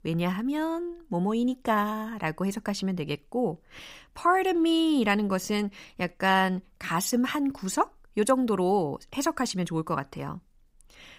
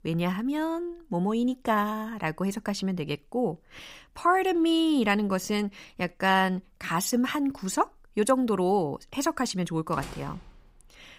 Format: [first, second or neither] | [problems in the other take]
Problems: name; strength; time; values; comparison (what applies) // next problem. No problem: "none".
first | door banging; faint; at 10 s; peak 15 dB below the speech